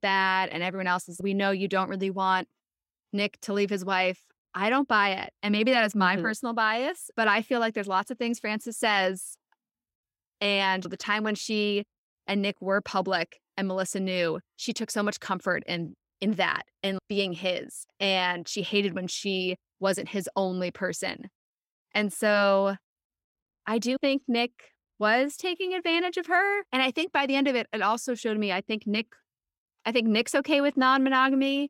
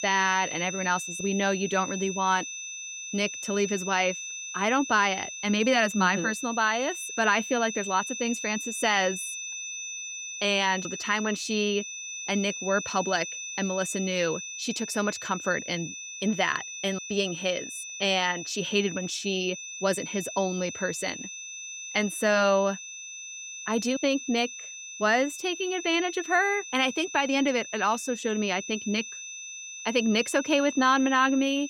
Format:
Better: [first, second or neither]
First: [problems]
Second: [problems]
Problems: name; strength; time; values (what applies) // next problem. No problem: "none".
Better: first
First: none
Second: high-pitched whine; loud; throughout; 6 kHz, 8 dB below the speech